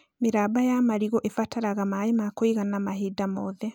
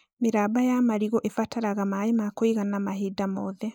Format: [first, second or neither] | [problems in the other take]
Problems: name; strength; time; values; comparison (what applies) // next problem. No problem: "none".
first | noise reduction (neural mask model Resemble Enhance denoiser)